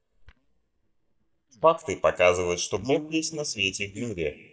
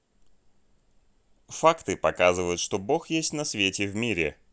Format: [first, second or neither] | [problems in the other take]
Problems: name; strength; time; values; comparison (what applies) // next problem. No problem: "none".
second | noise reduction (neural mask model DeepFilterNet 3)